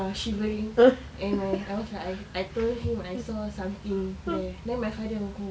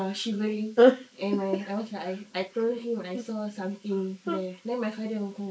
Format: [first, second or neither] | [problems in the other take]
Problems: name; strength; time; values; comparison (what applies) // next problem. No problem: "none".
first | noise reduction (neural mask model Resemble Enhance denoiser)